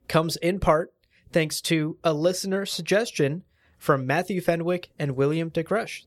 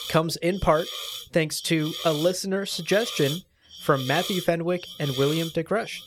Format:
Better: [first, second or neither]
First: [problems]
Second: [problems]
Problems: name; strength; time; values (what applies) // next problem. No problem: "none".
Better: first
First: none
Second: hiss; loud; throughout; 9 dB below the speech